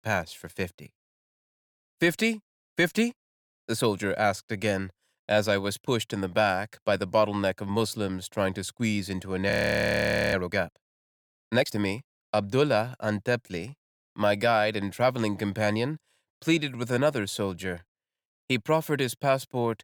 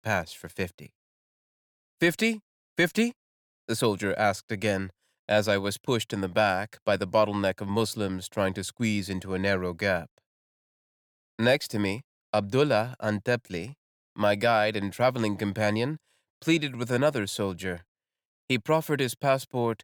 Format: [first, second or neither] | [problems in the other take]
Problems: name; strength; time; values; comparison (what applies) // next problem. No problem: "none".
second | audio freezing; at 9.5 s for 1 s